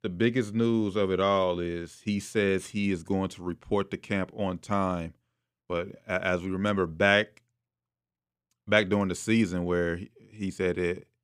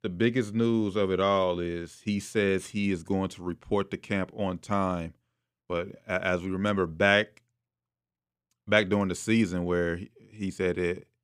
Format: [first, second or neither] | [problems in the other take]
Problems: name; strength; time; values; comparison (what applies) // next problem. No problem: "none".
neither | none